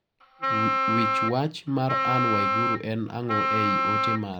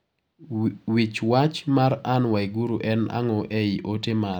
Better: second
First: background sound (Wind instrument, woodwind instrument); 3 dB above the speech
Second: none

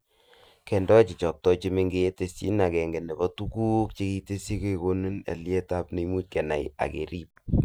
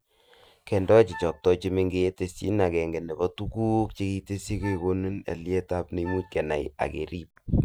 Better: first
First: none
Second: background sound (Wind instrument, woodwind instrument); 18 dB below the speech

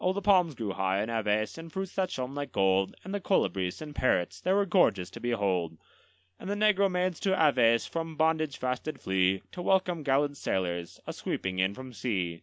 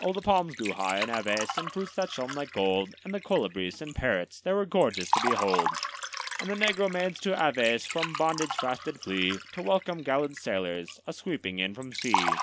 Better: first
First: none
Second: background sound (Liquid); 5 dB below the speech

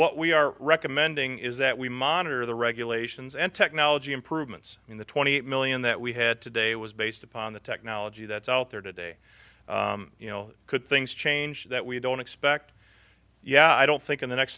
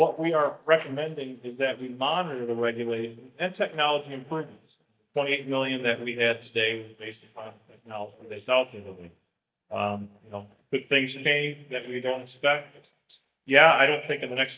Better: first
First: none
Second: noise reduction (neural mask model DeepFilterNet 3)

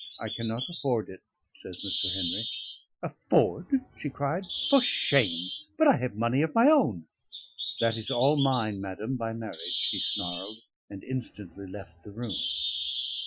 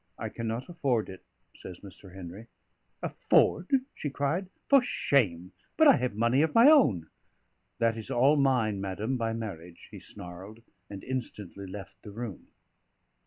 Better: second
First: noise reduction (classical method Wiener filter)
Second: none

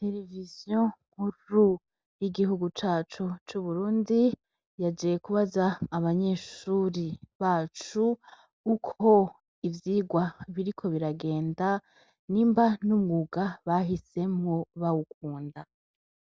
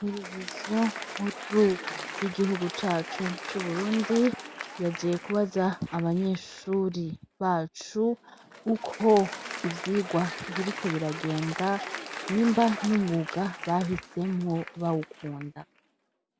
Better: first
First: none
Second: background sound (Applause); 11 dB below the speech

